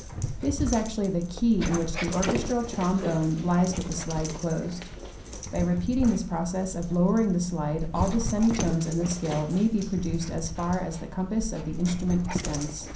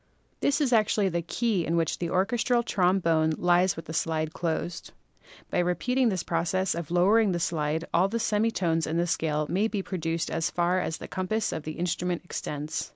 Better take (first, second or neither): second